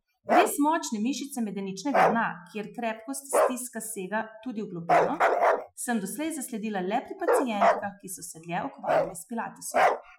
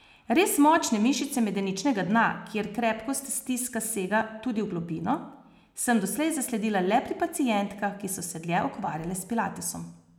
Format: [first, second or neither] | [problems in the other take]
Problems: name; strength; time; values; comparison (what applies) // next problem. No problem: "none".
second | noise reduction (classical method Wiener filter)